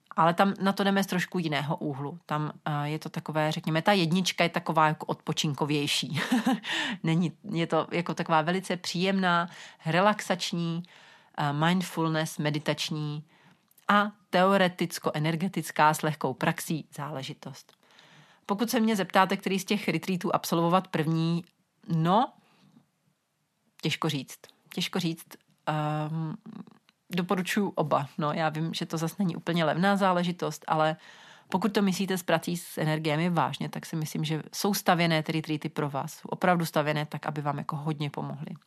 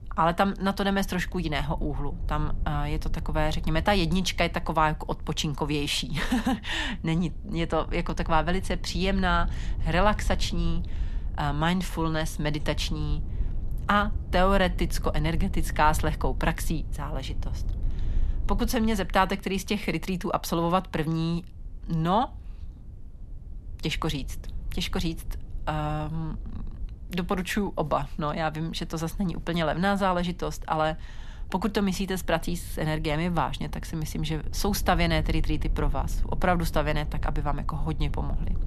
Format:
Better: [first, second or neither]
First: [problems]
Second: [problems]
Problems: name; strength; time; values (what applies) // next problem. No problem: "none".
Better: first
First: none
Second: low rumble; faint; throughout; 25 dB below the speech